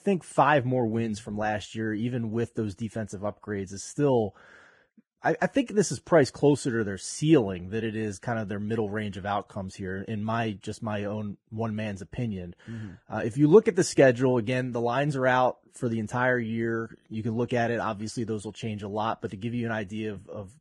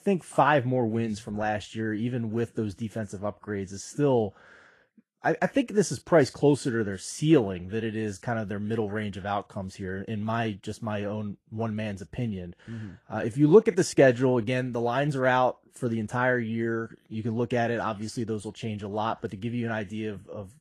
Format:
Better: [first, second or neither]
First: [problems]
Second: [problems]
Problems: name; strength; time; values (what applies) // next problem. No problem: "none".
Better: second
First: garbled, watery; badly; nothing above 10.5 kHz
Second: garbled, watery; slightly